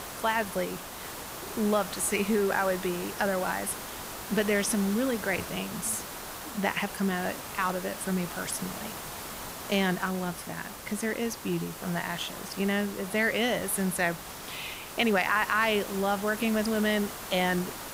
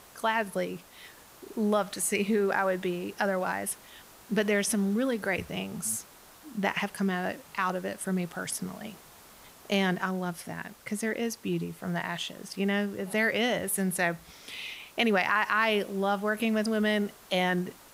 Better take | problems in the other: second | hiss; loud; throughout; 9 dB below the speech; faint in the second

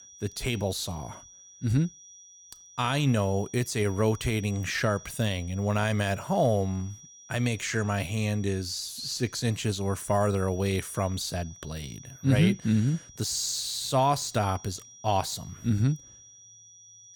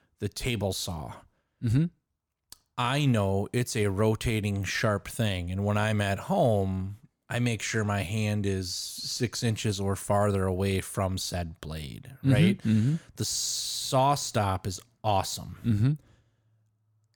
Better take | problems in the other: second | high-pitched whine; noticeable; throughout; 6 kHz, 20 dB below the speech

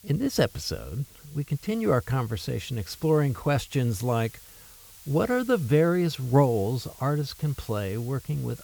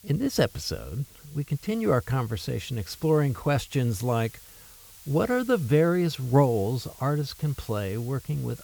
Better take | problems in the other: neither | hiss; faint; throughout; 20 dB below the speech; the same in both

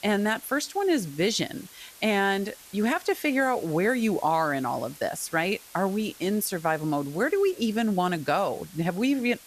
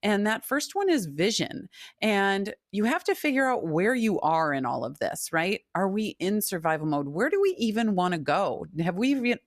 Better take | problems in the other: second | hiss; faint; throughout; 20 dB below the speech

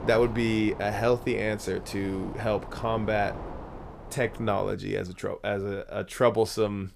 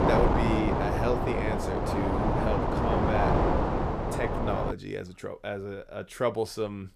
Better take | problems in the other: first | wind noise on the microphone; heavy; until 4.5 s; 4 dB above the speech; occasional gusts in the first

